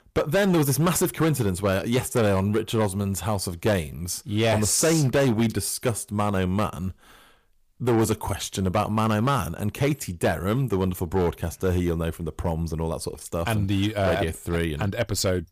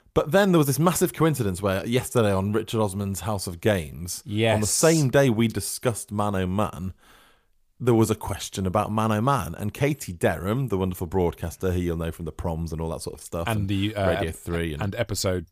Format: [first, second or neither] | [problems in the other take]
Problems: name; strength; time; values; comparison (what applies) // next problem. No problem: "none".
second | distortion; slight; 7% of the sound clipped